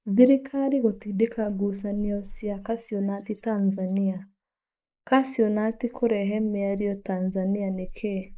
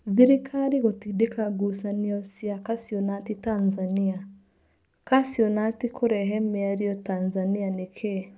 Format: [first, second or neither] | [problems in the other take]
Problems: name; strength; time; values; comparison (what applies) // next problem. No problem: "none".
second | noise reduction (neural mask model Resemble Enhance denoiser)